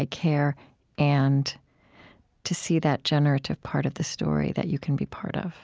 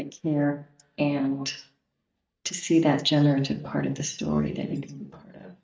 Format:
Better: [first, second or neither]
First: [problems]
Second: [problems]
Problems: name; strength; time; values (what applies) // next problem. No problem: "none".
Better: first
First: none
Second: noise reduction (neural mask model DeepFilterNet 3)